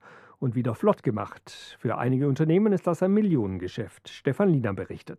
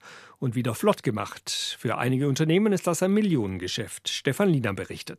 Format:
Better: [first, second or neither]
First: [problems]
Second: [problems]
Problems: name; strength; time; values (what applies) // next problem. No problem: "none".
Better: second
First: muffled; very; fading above 2 kHz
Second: none